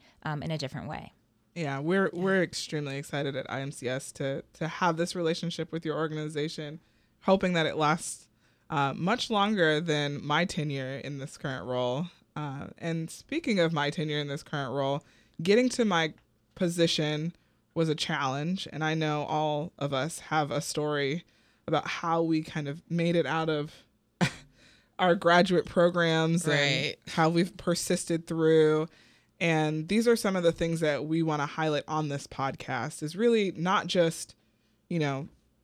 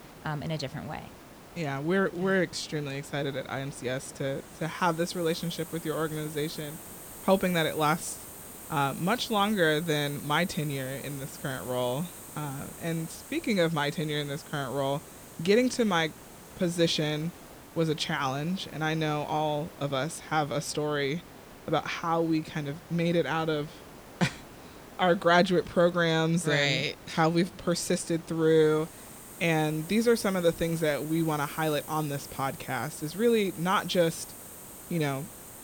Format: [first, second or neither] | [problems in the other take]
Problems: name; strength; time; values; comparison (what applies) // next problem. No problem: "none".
first | hiss; noticeable; throughout; 15 dB below the speech